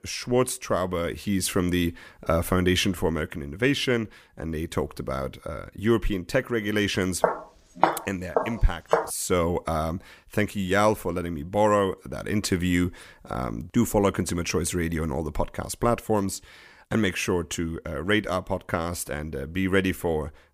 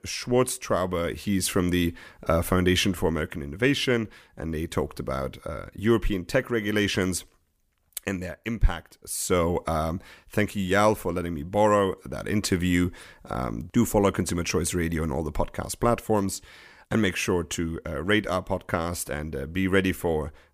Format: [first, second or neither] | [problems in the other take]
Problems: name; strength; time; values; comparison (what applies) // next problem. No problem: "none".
second | footsteps; loud; from 7 to 9 s; peak 2 dB above the speech